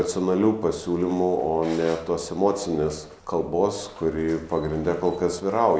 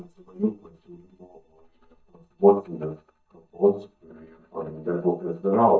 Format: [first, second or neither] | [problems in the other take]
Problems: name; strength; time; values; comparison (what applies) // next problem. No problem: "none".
first | noise reduction (neural mask model DeepFilterNet 3)